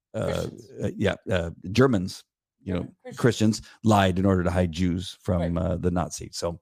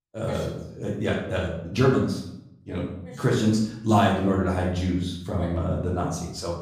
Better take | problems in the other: first | room echo; noticeable; dies away in 0.6 s // off-mic speech; far

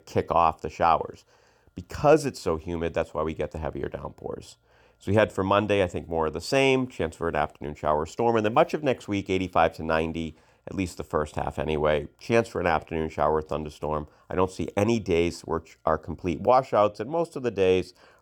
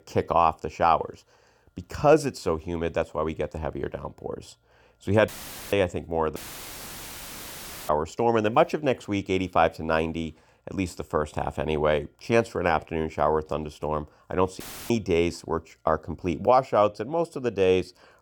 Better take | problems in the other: first | audio cutting out; filled with static; at 5.5 s, at 6.5 s for 1.5 s and at 15 s

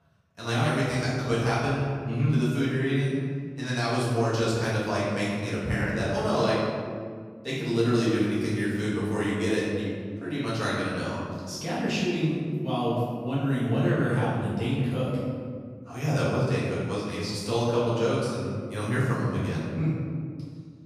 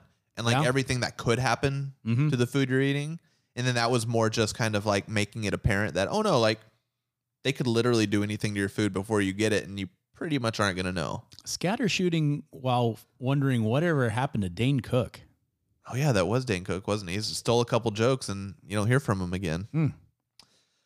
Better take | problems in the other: second | room echo; strong; dies away in 1.9 s // off-mic speech; far

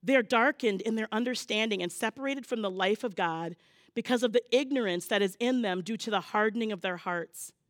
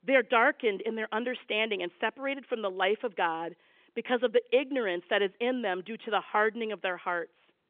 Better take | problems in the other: first | phone-call audio; nothing above 3.5 kHz

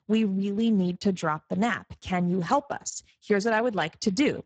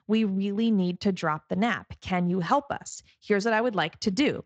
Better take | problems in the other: second | garbled, watery; badly; nothing above 7.5 kHz; slightly in the second

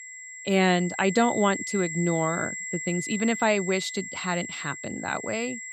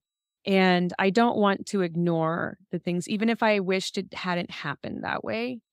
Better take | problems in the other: second | high-pitched whine; loud; throughout; 2 kHz, 7 dB below the speech

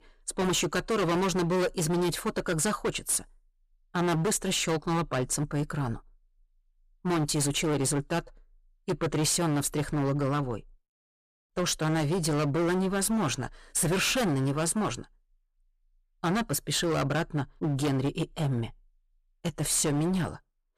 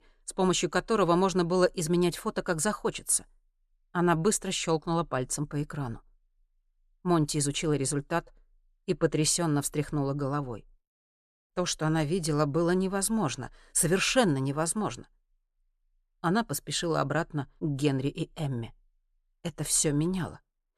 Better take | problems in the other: second | distortion; heavy; 19% of the sound clipped

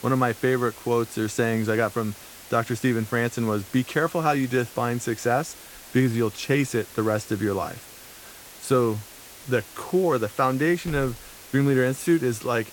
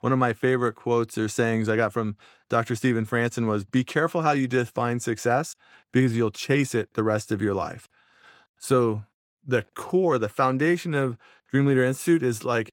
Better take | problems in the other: second | hiss; noticeable; throughout; 15 dB below the speech

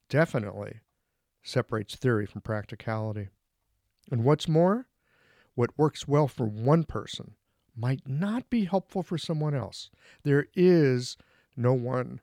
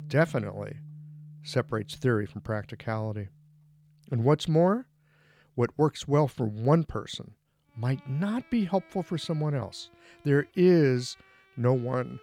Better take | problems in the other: first | background music; faint; throughout; 25 dB below the speech

